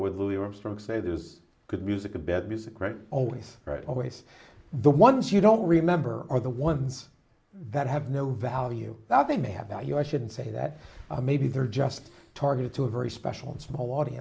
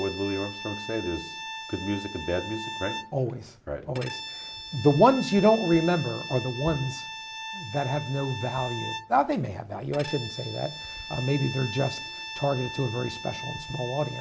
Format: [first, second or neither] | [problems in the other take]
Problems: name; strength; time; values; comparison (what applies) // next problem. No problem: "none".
first | background sound (Bowed string instrument); 10 dB below the speech